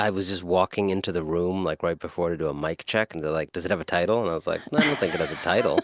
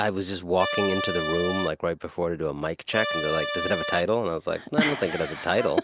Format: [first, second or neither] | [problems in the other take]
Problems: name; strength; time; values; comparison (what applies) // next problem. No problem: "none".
first | background sound (Accordion); 3 dB below the speech